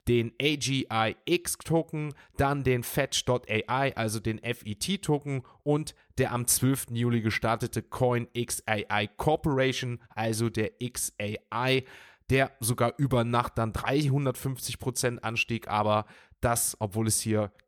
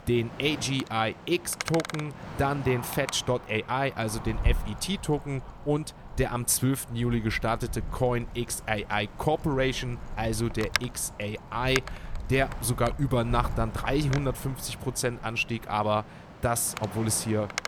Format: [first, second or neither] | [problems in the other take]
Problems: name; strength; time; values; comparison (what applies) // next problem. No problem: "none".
first | wind noise on the microphone; heavy; 10 dB below the speech